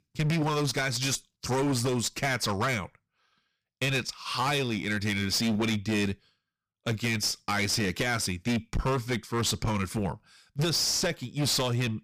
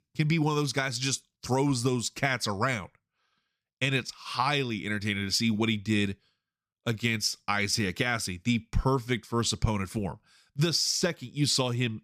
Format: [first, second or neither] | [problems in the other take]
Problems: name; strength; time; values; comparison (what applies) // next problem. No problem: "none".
second | distortion; heavy; 17% of the sound clipped